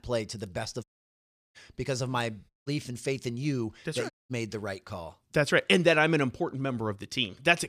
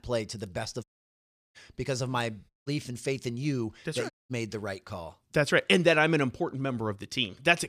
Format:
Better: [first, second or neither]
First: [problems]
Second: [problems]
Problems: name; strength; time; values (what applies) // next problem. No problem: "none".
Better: neither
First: audio cutting out; at 1 s for 0.5 s, at 2.5 s and at 4 s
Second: audio cutting out; at 1 s for 0.5 s, at 2.5 s and at 4 s